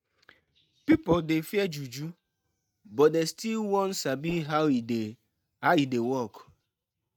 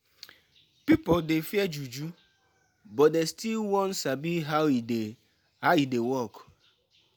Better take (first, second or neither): second